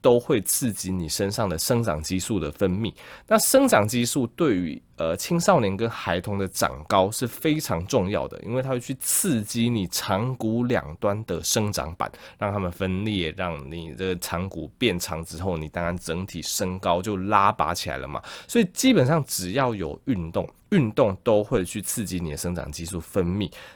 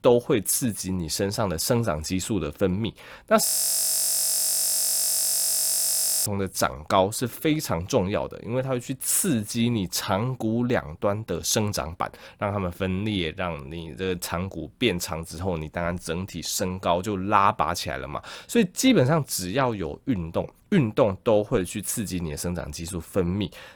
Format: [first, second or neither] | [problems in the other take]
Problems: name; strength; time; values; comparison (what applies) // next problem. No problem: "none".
first | audio freezing; at 3.5 s for 3 s